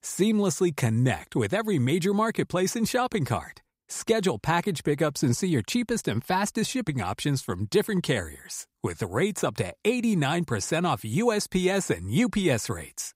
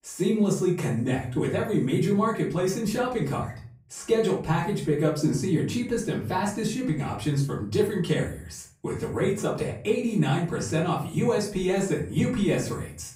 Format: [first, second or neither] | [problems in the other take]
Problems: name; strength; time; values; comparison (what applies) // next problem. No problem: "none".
first | off-mic speech; far // room echo; slight; dies away in 0.5 s